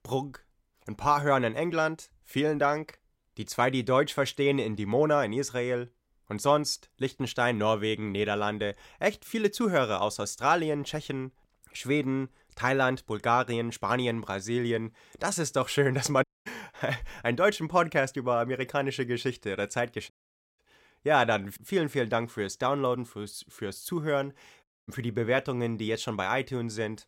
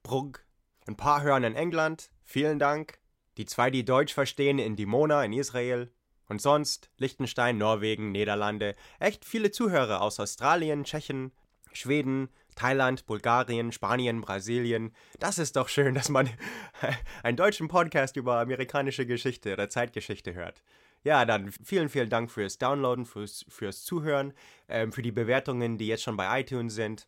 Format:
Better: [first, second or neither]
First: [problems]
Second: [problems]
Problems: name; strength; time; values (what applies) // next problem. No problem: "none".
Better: second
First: audio cutting out; at 16 s, at 20 s and at 25 s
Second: none